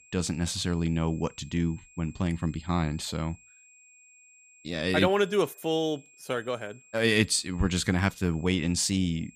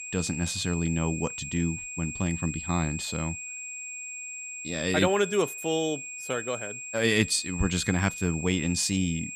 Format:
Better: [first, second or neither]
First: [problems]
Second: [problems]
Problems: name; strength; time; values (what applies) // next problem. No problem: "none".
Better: first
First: high-pitched whine; faint; throughout; 2.5 kHz, 25 dB below the speech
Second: high-pitched whine; loud; throughout; 2.5 kHz, 7 dB below the speech